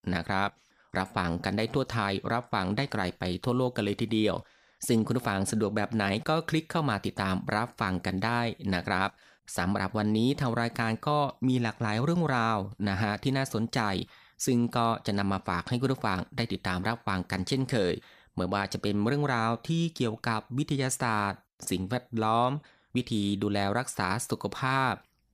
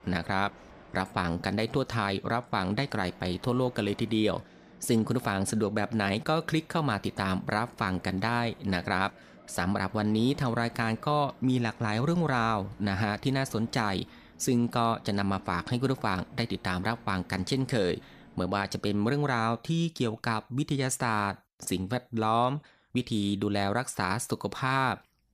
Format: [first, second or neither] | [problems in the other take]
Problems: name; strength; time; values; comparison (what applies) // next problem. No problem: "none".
first | train or aircraft noise; faint; until 19 s; 25 dB below the speech